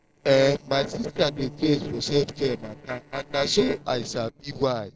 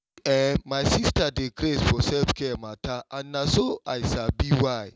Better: second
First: noise reduction (neural separator model SepFormer DNS4)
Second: none

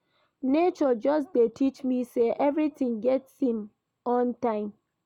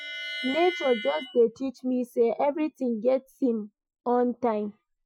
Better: first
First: none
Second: noise reduction (classical method Wiener filter)

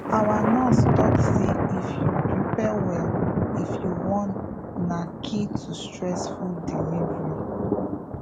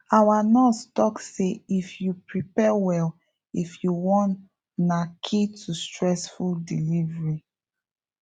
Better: second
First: background sound (Thunder); 4 dB above the speech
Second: none

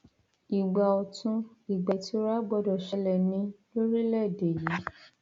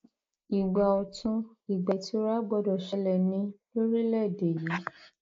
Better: first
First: none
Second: noise reduction (neural mask model Resemble Enhance denoiser)

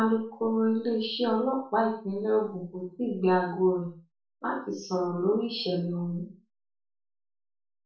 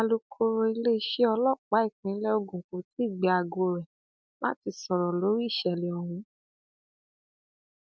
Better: second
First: room echo; dies away in 0.4 s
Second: none

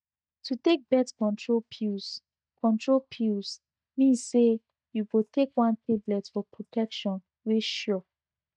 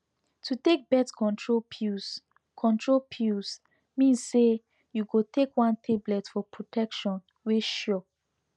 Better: second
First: noise reduction (neural mask model DeepFilterNet 3)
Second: none

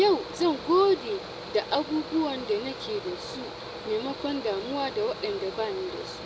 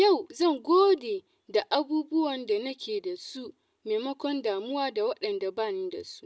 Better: second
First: background sound (Mechanical fan); 10 dB below the speech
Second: none

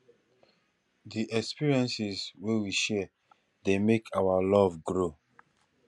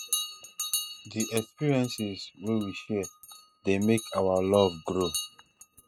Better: first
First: none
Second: noise reduction (neural mask model RNNoise)

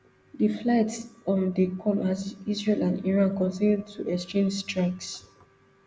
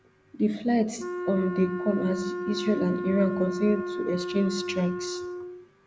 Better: first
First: none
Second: background sound (Wind instrument, woodwind instrument); 6 dB below the speech

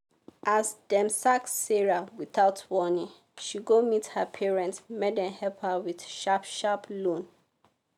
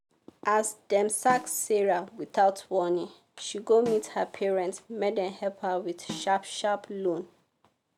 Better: first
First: none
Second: background sound (Snare drum); 16 dB below the speech

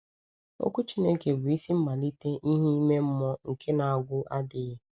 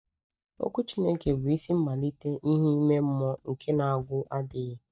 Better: first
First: none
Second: noise reduction (neural mask model DeepFilterNet 3)

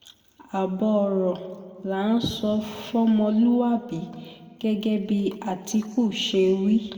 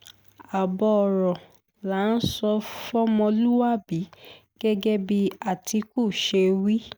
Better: second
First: room echo; dies away in 1.6 s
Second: none

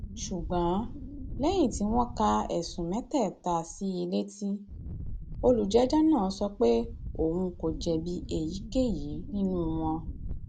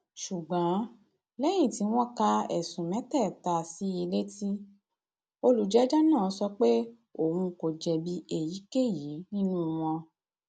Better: second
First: background sound (Wind); 9 dB below the speech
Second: none

